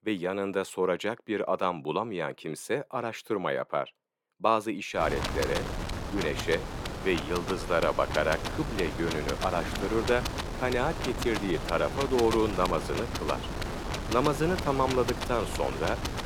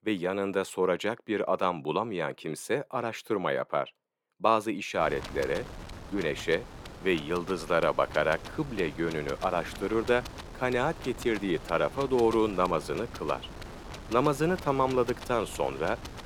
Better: second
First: wind noise on the microphone; heavy; from 5 s on; 6 dB below the speech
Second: wind noise on the microphone; occasional gusts; from 5 s on; 15 dB below the speech

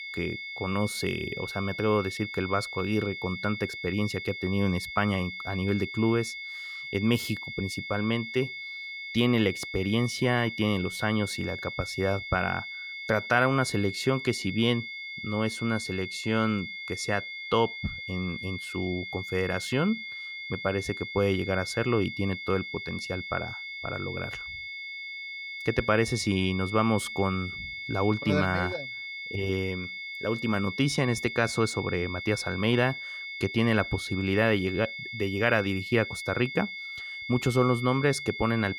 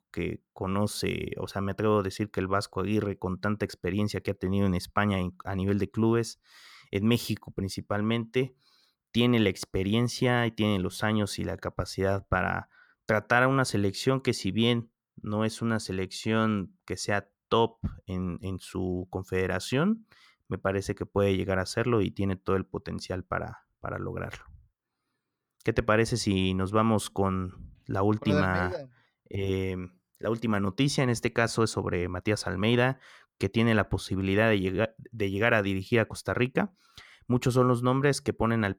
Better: second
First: high-pitched whine; loud; throughout; 2 kHz, 7 dB below the speech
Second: none

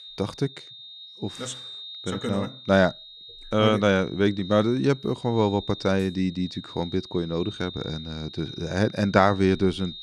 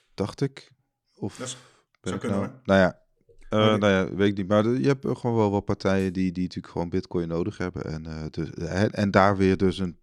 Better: second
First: high-pitched whine; noticeable; throughout; 3.5 kHz, 15 dB below the speech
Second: none

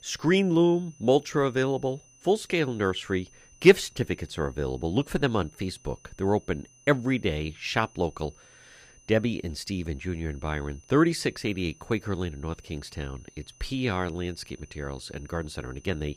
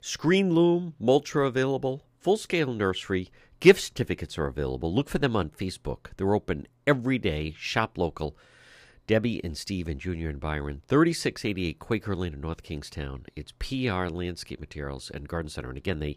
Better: second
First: high-pitched whine; faint; throughout; 6 kHz, 25 dB below the speech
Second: none

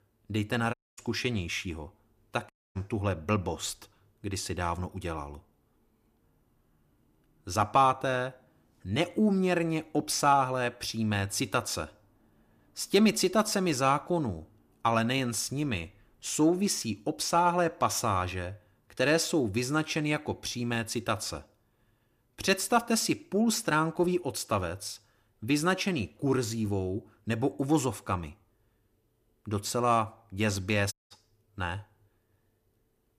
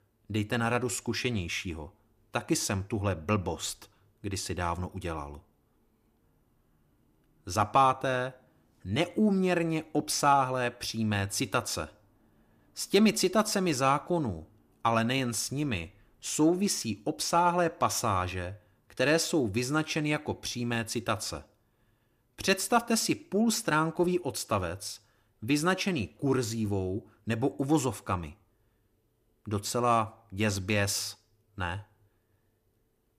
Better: second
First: audio cutting out; at 0.5 s, at 2.5 s and at 31 s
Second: none

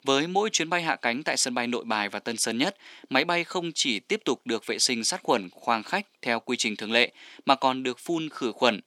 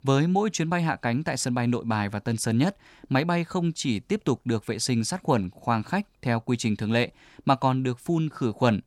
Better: second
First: thin; somewhat; fading below 300 Hz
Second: none

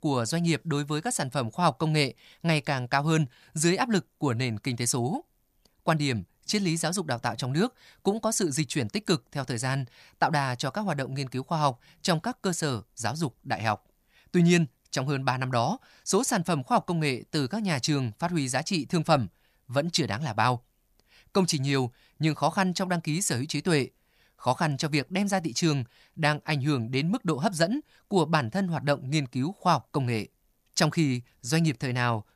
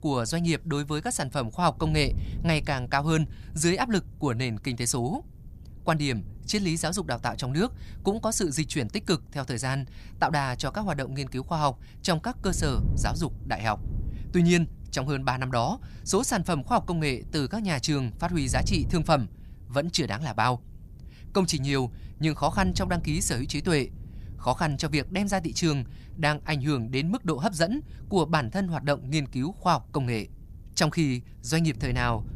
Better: first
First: none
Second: wind noise on the microphone; occasional gusts; 25 dB below the speech

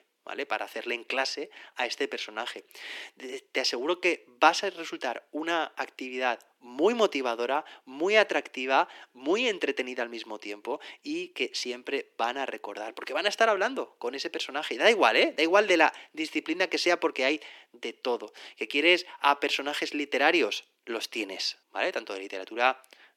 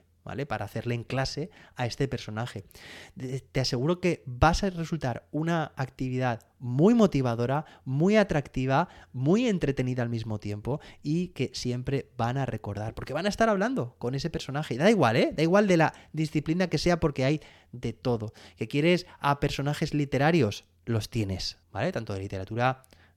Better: second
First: thin; very; fading below 300 Hz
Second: none

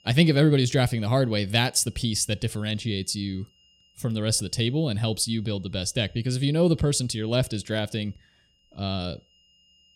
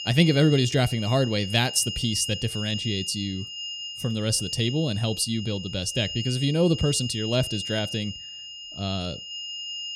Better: first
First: high-pitched whine; faint; throughout; 3 kHz, 35 dB below the speech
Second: high-pitched whine; loud; throughout; 3 kHz, 8 dB below the speech

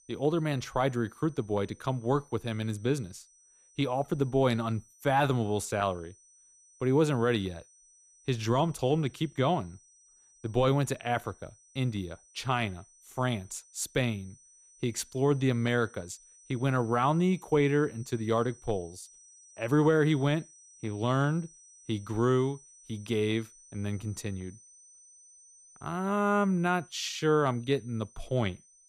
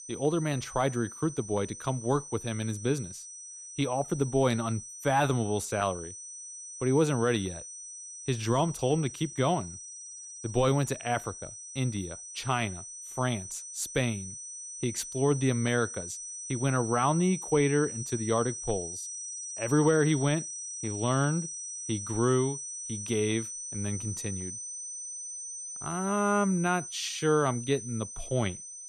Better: first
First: high-pitched whine; faint; throughout; 6 kHz, 25 dB below the speech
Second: high-pitched whine; loud; throughout; 6 kHz, 9 dB below the speech

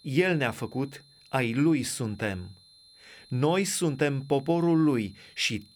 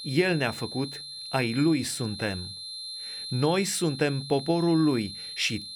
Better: first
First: high-pitched whine; faint; throughout; 4 kHz, 25 dB below the speech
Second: high-pitched whine; loud; throughout; 4 kHz, 9 dB below the speech

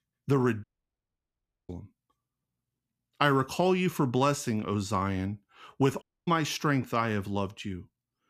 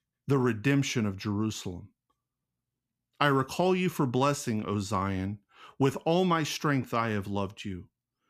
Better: second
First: audio cutting out; at 0.5 s for 1 s and at 6 s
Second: none

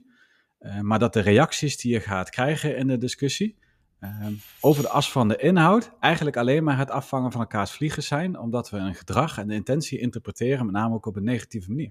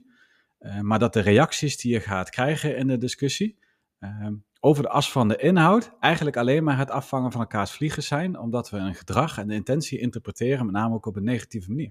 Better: second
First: jangling keys; faint; at 4 s; peak 15 dB below the speech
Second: none

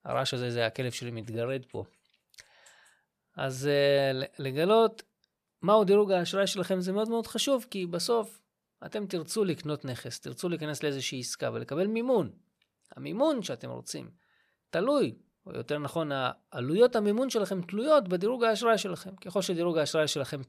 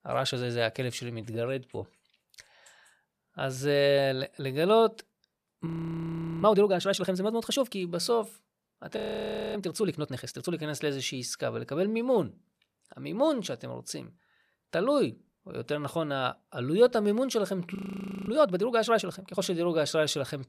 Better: first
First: none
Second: audio freezing; at 5.5 s for 1 s, at 9 s for 0.5 s and at 18 s for 0.5 s

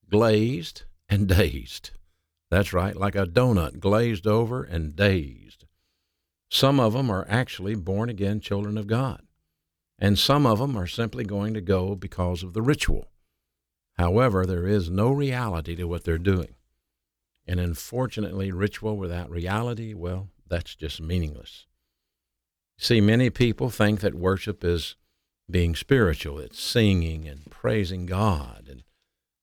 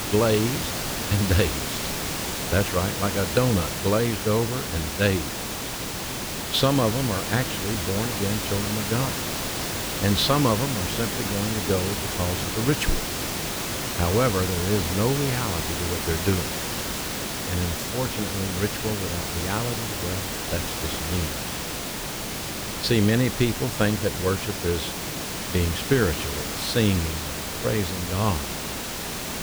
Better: first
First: none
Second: hiss; loud; throughout; 2 dB below the speech

